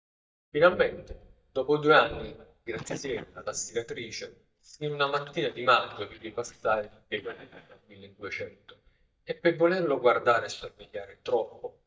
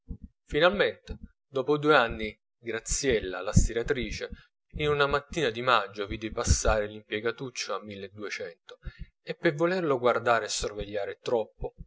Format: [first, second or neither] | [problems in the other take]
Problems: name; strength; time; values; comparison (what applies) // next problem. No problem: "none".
second | noise reduction (neural mask model DeepFilterNet 3)